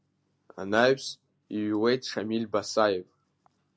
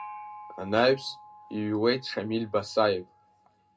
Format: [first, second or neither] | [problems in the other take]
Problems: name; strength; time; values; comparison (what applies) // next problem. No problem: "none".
first | background sound (Gong); 19 dB below the speech // room echo; dies away in 0.2 s